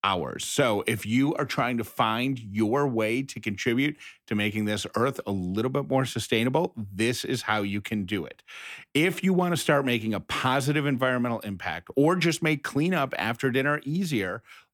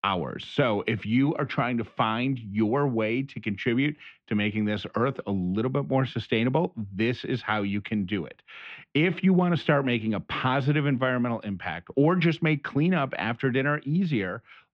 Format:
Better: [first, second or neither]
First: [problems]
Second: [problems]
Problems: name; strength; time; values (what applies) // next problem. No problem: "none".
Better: first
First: none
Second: muffled; slightly; fading above 3.5 kHz